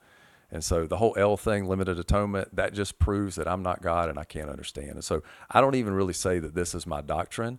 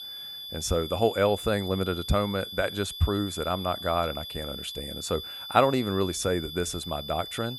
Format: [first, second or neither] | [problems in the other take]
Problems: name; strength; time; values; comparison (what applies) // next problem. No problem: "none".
first | high-pitched whine; loud; throughout; 3.5 kHz, 8 dB below the speech